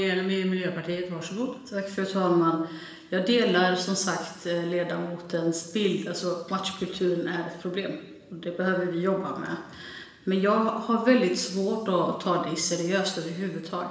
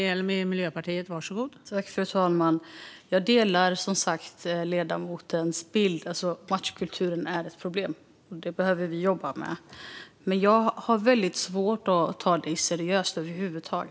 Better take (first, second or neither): second